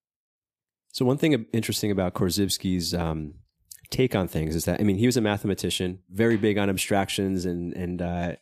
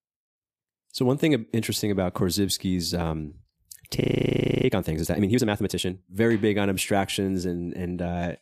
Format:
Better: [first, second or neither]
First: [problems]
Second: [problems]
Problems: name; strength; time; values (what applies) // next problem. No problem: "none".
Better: first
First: none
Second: audio freezing; at 4 s for 0.5 s